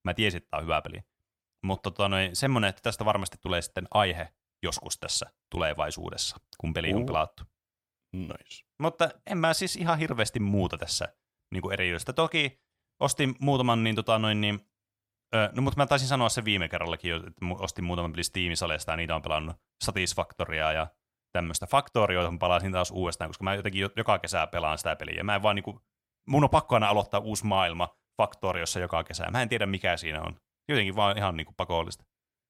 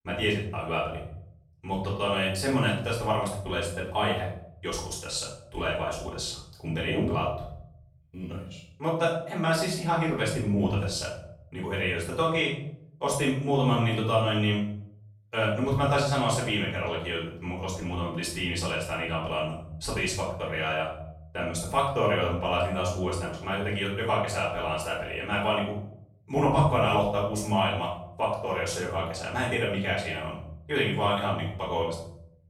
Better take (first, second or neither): first